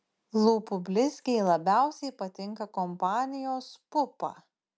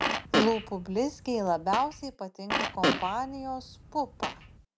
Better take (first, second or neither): first